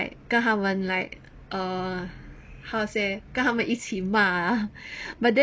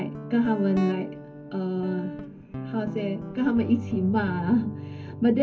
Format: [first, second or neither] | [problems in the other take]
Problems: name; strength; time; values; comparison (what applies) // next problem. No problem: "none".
first | background sound (Guitar); 10 dB below the speech // room echo; dies away in 0.4 s